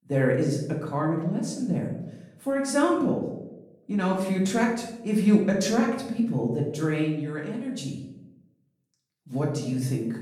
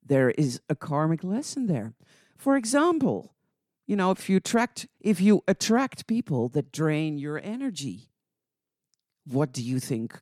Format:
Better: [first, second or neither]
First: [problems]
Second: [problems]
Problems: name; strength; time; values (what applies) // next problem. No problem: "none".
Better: second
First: room echo; noticeable; dies away in 0.7 s // off-mic speech; far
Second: none